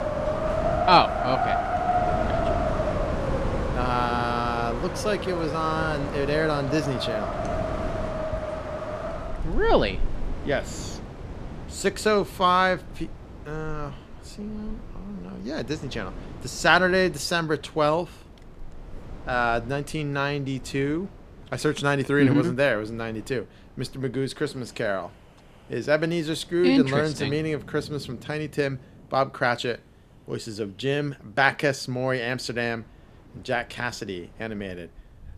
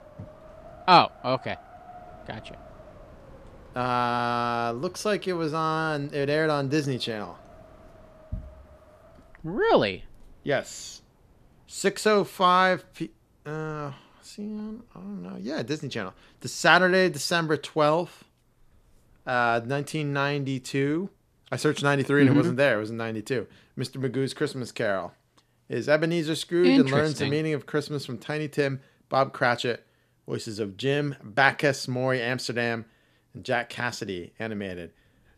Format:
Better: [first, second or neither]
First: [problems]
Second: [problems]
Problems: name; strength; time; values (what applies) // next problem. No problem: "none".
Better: second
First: wind in the background; loud; throughout; 5 dB below the speech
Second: wind in the background; faint; throughout; 25 dB below the speech